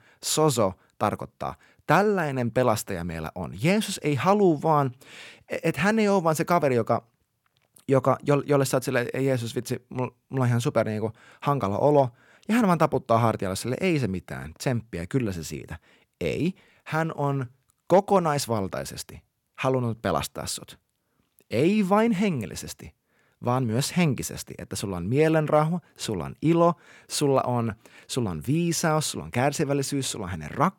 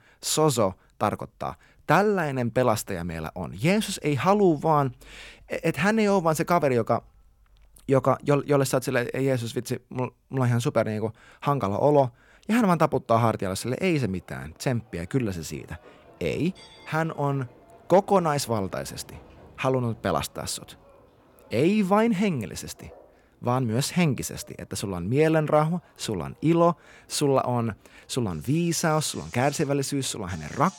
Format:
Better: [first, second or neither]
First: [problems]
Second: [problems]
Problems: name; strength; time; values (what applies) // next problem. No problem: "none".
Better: first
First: none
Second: animal sounds; faint; throughout; 30 dB below the speech